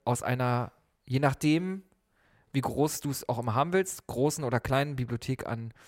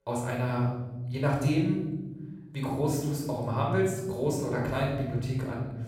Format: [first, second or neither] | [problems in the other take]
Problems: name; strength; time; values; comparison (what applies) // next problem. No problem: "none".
first | off-mic speech; far // room echo; noticeable; dies away in 1.6 s